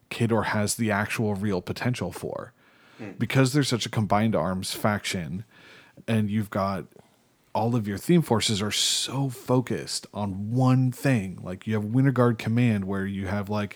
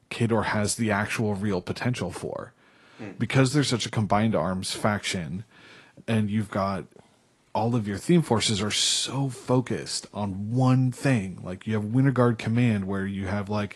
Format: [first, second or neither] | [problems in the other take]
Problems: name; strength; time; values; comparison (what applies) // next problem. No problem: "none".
first | garbled, watery; slightly; nothing above 11 kHz